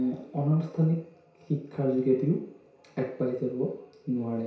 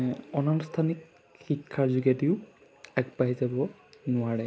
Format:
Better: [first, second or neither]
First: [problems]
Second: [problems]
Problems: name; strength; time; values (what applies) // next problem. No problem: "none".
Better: second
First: room echo; dies away in 0.6 s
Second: none